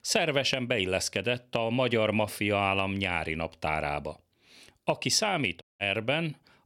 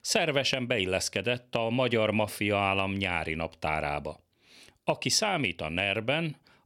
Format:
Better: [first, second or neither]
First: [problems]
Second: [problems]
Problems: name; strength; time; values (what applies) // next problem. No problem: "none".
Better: second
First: audio cutting out; at 5.5 s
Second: none